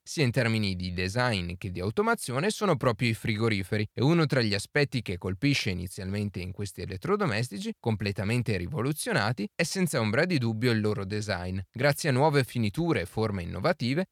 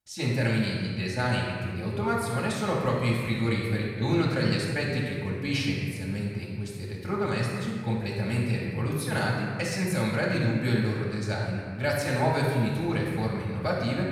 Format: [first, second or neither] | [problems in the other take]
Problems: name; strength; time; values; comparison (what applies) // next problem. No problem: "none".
first | off-mic speech; far // room echo; noticeable; dies away in 1.8 s